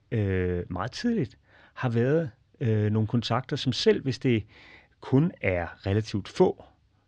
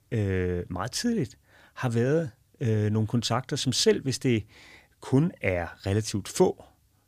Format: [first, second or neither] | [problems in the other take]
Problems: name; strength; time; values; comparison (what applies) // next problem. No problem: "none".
second | muffled; very slightly; fading above 4 kHz